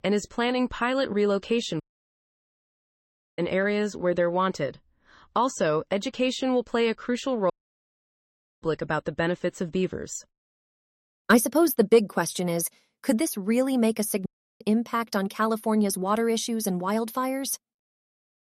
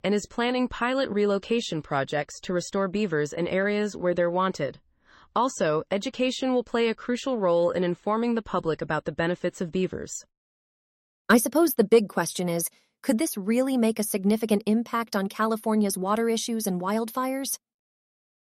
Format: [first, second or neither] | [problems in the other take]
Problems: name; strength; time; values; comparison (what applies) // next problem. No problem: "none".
second | audio cutting out; at 2 s for 1.5 s, at 7.5 s for 1 s and at 14 s